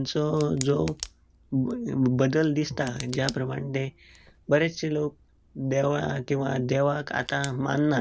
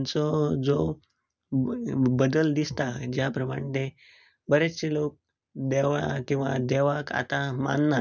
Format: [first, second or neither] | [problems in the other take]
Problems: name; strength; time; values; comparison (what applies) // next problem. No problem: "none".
second | background sound (Tick); 19 dB below the speech